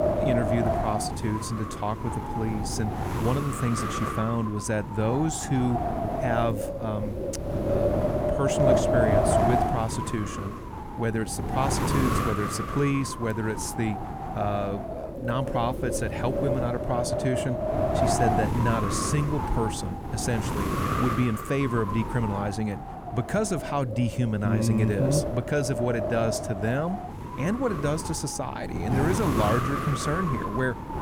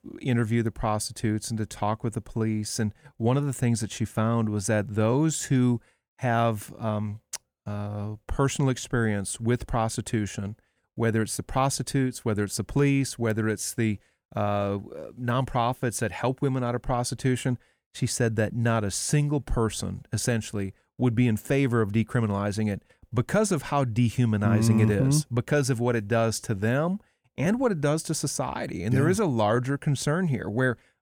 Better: second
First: wind noise on the microphone; heavy; 2 dB above the speech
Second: none

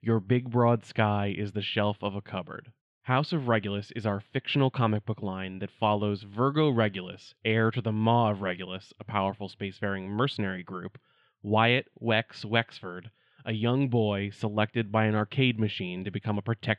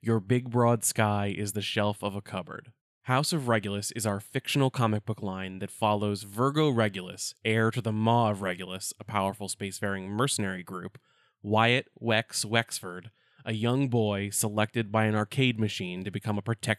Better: second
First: muffled; slightly; fading above 3.5 kHz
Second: none

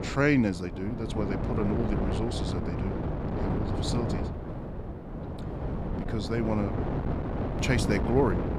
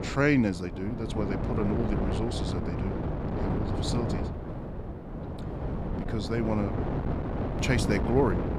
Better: neither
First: wind noise on the microphone; heavy; 4 dB below the speech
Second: wind noise on the microphone; heavy; 4 dB below the speech

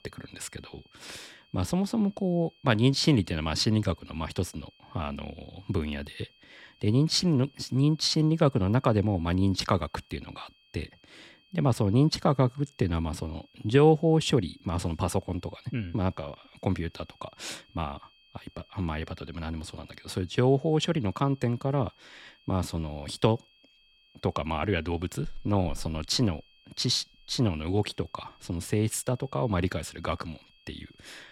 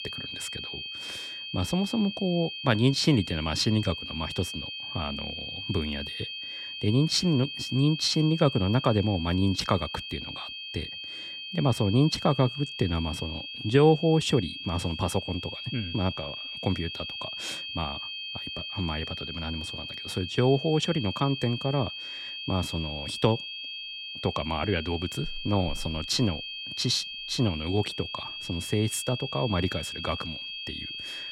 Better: first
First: high-pitched whine; faint; throughout; 3 kHz, 30 dB below the speech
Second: high-pitched whine; loud; throughout; 3 kHz, 7 dB below the speech

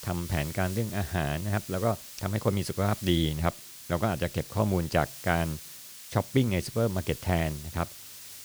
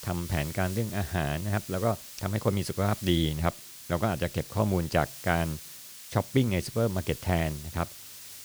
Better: neither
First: hiss; noticeable; throughout; 10 dB below the speech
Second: hiss; noticeable; throughout; 10 dB below the speech

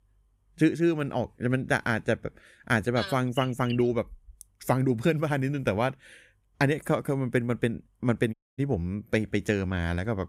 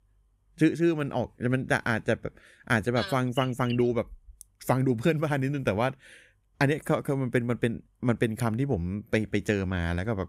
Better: second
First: audio cutting out; at 8.5 s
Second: none

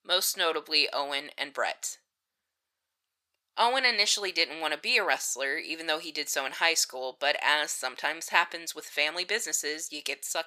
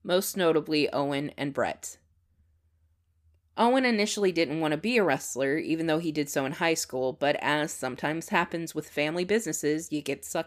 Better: second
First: thin; very; fading below 850 Hz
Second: none

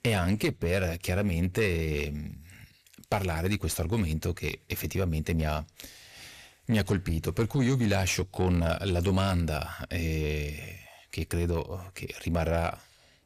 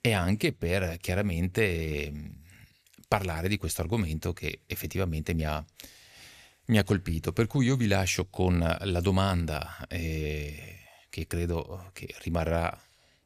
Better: second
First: distortion; slight; 10 dB below the speech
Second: none

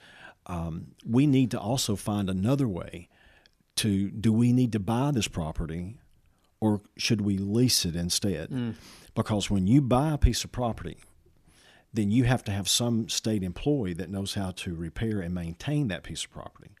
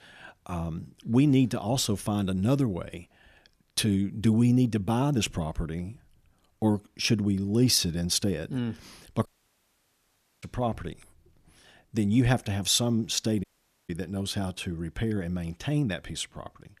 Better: first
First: none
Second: audio cutting out; at 9.5 s for 1 s and at 13 s

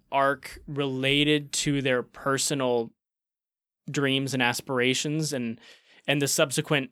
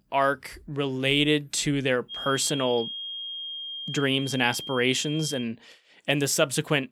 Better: first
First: none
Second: high-pitched whine; loud; from 2 to 5.5 s; 3 kHz, 8 dB below the speech

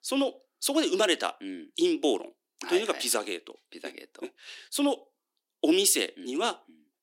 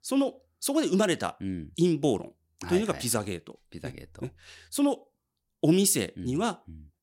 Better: second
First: thin; very slightly; fading below 300 Hz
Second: none

